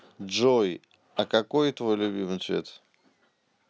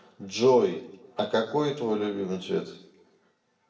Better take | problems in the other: first | room echo; dies away in 0.6 s

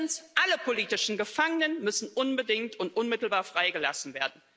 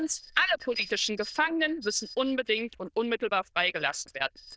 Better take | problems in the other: first | noise reduction (neural diffusion model UNIVERSE++)

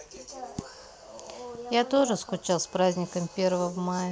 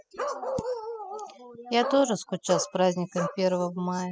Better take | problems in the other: first | noise reduction (classical method spectral subtraction)

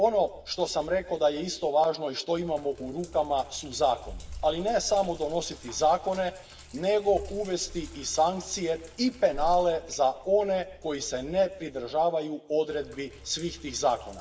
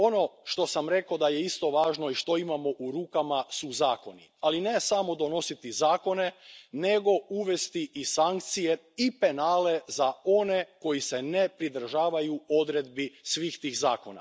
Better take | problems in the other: second | background sound (Sink (filling or washing)); 17 dB below the speech // room echo; dies away in 2.1 s

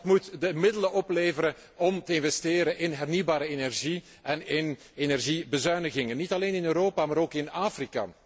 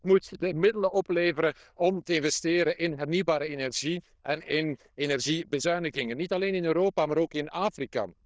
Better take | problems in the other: first | noise reduction (neural diffusion model UNIVERSE++)

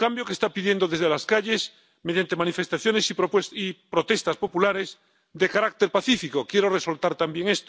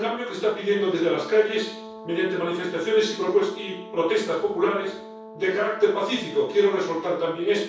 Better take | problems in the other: first | background sound (Brass instrument); 17 dB below the speech // room echo; dies away in 0.6 s

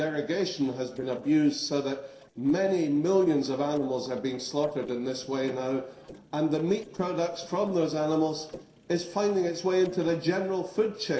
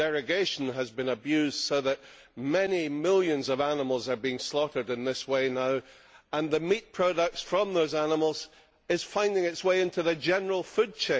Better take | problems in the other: second | noise reduction (neural separator model SepFormer DNS4)

